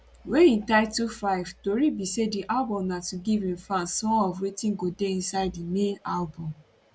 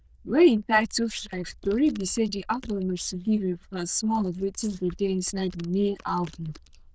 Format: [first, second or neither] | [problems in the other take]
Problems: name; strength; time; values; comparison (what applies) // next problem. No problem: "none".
first | noise reduction (neural diffusion model UNIVERSE++)